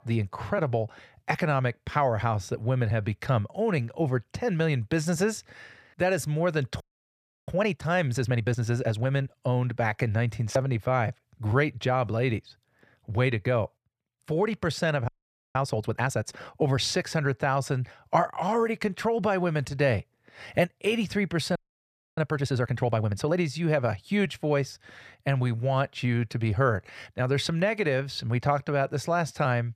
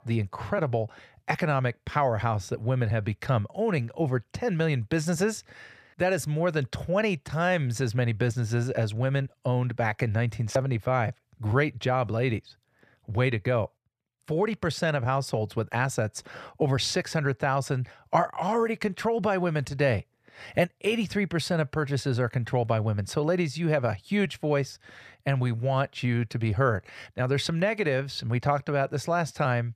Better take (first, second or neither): second